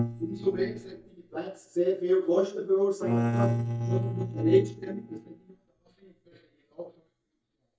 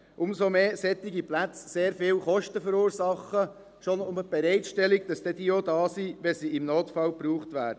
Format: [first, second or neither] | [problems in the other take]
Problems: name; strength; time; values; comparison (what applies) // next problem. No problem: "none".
second | noise reduction (neural mask model DeepFilterNet 3)